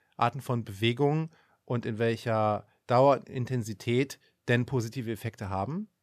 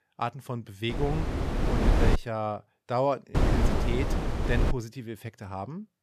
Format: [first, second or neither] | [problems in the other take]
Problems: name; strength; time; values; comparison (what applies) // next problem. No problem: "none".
first | wind noise on the microphone; heavy; from 1 to 2 s and from 3.5 to 4.5 s; as loud as the speech